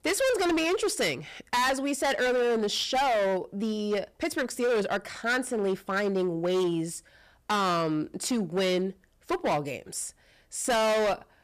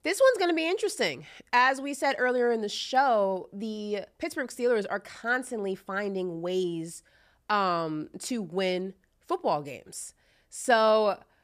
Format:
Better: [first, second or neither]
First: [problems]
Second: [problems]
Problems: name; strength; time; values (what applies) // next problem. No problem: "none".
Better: second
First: distortion; heavy; 19% of the sound clipped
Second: none